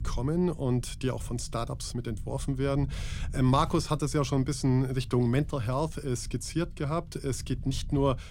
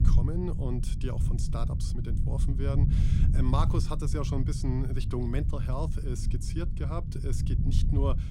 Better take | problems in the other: first | low rumble; loud; throughout; 5 dB below the speech; faint in the first

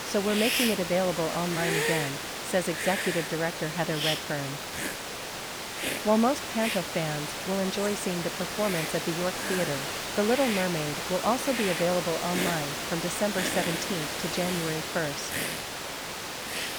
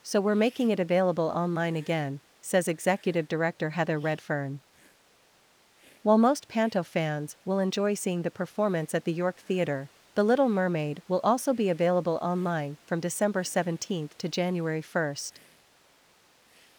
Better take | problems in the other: second | hiss; loud; throughout; 1 dB below the speech; faint in the second

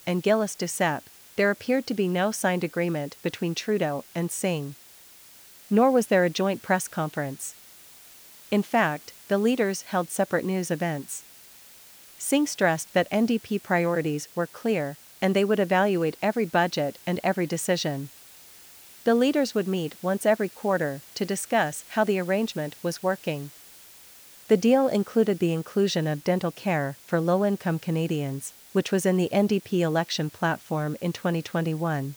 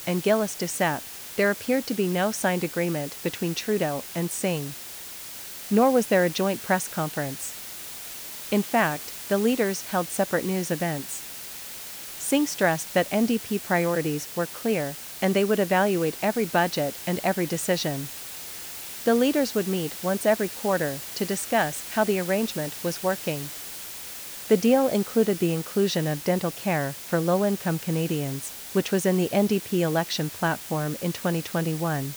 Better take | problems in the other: first | hiss; loud; throughout; 10 dB below the speech; faint in the first

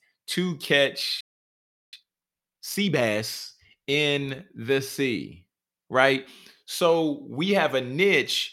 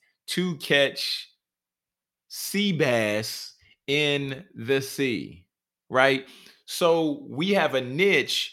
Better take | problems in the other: second | audio freezing; at 1 s for 0.5 s

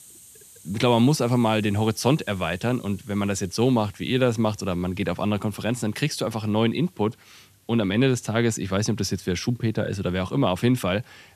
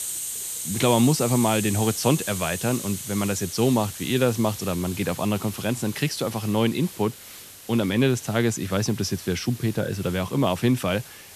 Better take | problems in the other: first | hiss; loud; throughout; 9 dB below the speech; faint in the first

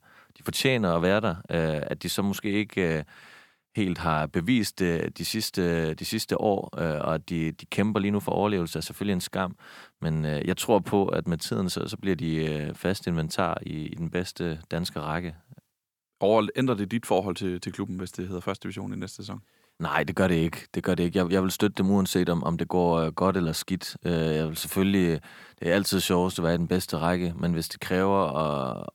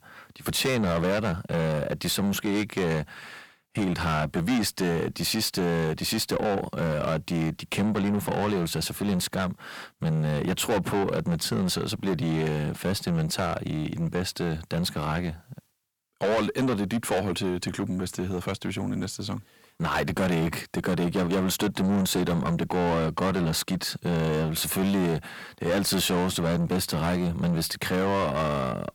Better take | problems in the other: first | distortion; heavy; 6 dB below the speech

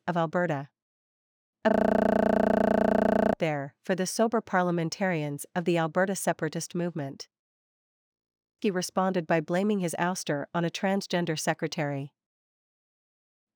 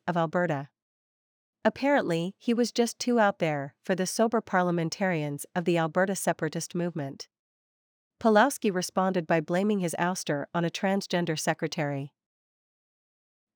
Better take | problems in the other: second | audio freezing; at 1.5 s for 1.5 s and at 8 s

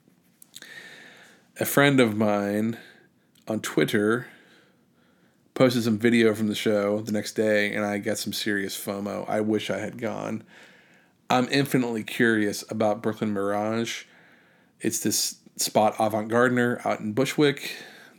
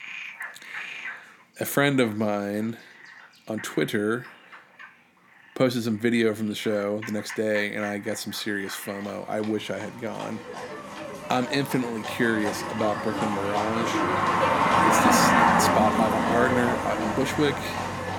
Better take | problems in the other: first | animal sounds; very loud; throughout; 2 dB above the speech

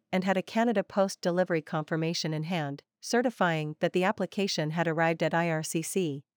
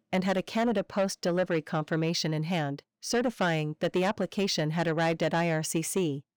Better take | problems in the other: first | distortion; slight; 10 dB below the speech

